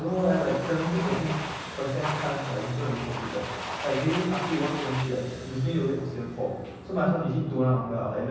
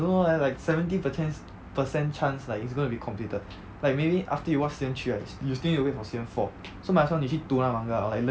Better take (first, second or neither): second